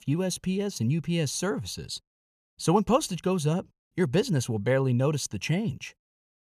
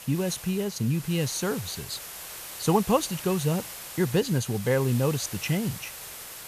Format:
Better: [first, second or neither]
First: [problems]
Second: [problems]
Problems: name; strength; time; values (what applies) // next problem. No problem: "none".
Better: first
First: none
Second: hiss; noticeable; throughout; 10 dB below the speech